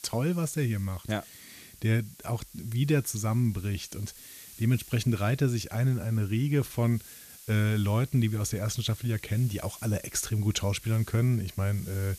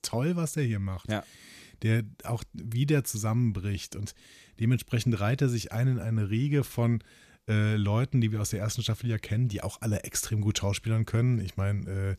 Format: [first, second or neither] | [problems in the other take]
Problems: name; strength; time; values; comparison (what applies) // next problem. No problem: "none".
second | hiss; noticeable; throughout; 20 dB below the speech